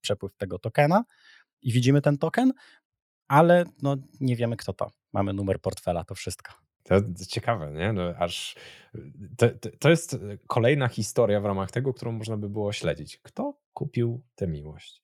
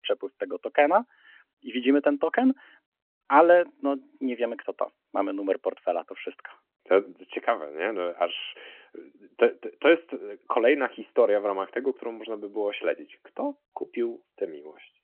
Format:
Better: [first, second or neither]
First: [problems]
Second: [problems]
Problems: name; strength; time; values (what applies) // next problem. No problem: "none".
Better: first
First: none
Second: phone-call audio